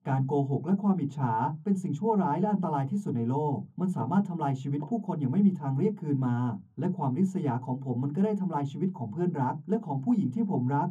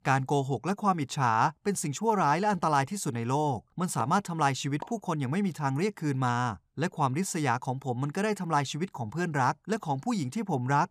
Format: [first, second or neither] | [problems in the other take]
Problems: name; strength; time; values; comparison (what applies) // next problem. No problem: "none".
second | room echo; very slight; dies away in 0.3 s // off-mic speech; far